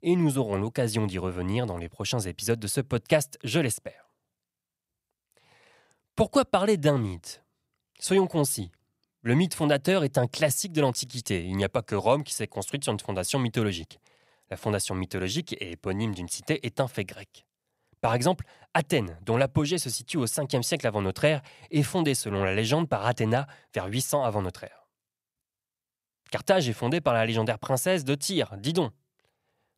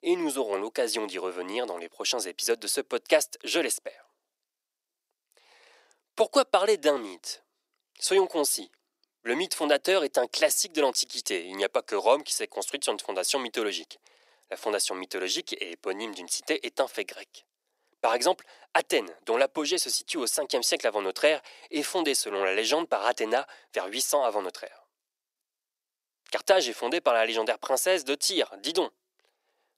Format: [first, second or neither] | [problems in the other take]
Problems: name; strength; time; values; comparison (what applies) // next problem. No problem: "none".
first | thin; somewhat; fading below 350 Hz